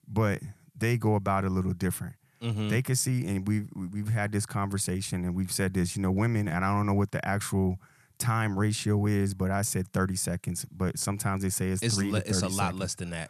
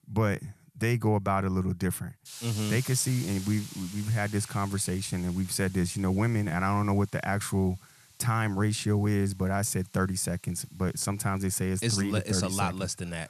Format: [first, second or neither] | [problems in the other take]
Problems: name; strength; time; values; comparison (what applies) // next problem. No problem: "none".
first | hiss; noticeable; throughout; 15 dB below the speech